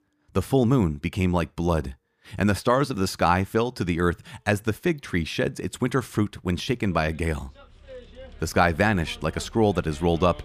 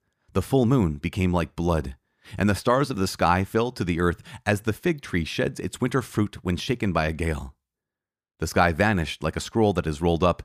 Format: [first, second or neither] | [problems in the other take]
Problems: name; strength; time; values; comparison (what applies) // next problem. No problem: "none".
second | traffic noise; faint; throughout; 20 dB below the speech